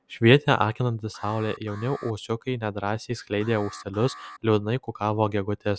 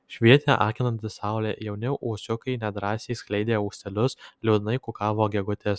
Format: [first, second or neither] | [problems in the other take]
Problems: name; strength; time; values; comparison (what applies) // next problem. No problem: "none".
second | background sound (Alarm); 20 dB below the speech